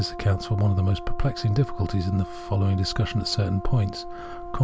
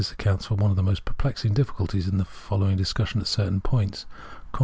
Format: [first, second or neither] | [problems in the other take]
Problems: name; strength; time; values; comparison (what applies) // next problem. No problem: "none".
second | background sound (Brass instrument); 14 dB below the speech